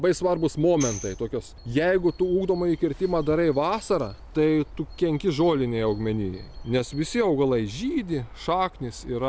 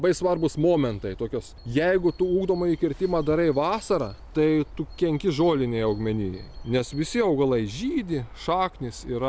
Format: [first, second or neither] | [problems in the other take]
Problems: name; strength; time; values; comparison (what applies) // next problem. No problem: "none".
second | background sound (Tambourine); 16 dB below the speech